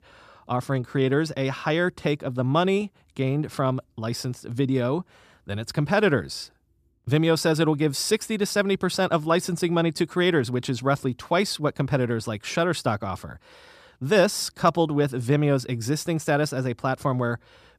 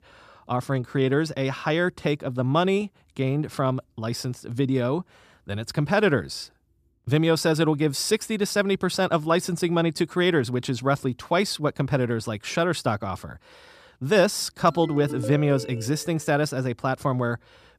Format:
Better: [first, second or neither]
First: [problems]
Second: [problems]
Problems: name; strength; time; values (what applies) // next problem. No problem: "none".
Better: first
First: none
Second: phone ringing; noticeable; from 15 to 16 s; peak 8 dB below the speech